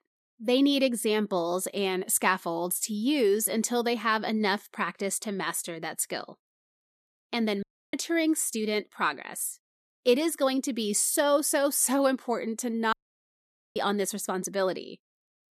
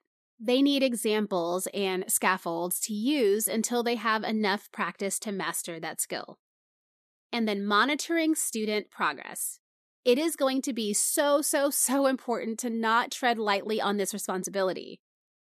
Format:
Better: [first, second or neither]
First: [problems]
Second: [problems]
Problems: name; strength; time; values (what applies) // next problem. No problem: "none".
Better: second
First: audio cutting out; at 7.5 s and at 13 s for 1 s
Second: none